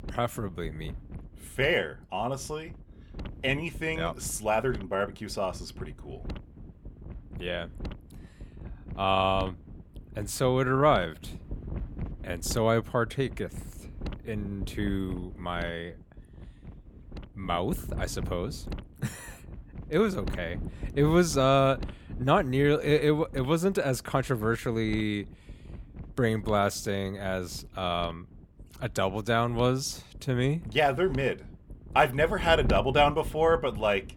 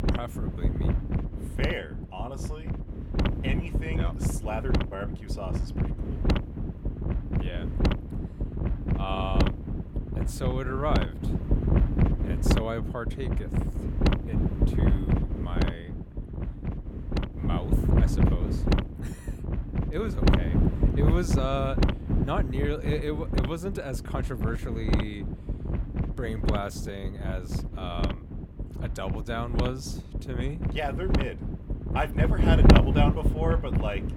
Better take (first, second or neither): first